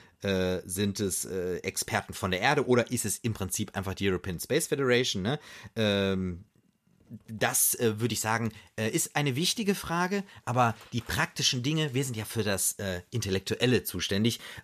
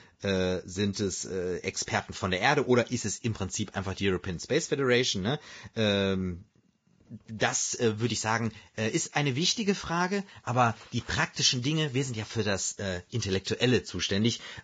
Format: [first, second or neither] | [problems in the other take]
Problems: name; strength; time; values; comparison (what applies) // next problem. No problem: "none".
first | garbled, watery; badly; nothing above 7.5 kHz